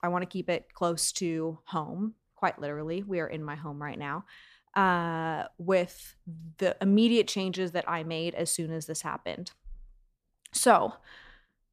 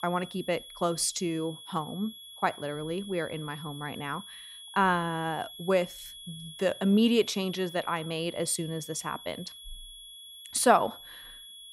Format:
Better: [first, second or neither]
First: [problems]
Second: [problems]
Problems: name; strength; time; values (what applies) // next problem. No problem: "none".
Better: first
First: none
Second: high-pitched whine; noticeable; throughout; 3.5 kHz, 15 dB below the speech